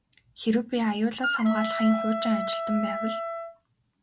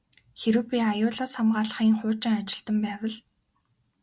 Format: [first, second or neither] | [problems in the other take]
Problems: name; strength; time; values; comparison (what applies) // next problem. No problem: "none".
second | background sound (Wind instrument, woodwind instrument); 3 dB below the speech